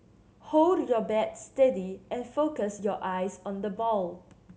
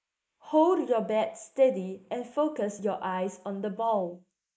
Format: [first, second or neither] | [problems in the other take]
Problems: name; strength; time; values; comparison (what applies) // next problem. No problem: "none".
first | noise reduction (neural mask model Resemble Enhance denoiser)